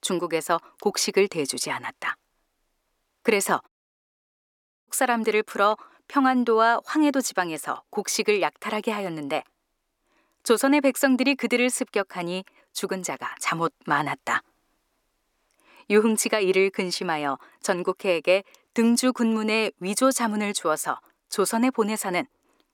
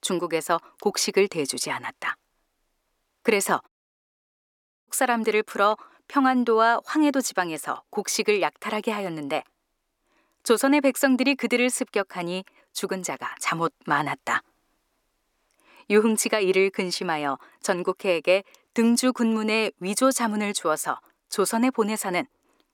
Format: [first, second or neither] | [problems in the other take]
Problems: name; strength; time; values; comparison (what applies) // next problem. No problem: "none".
neither | audio cutting out; at 3.5 s for 1 s; the same in both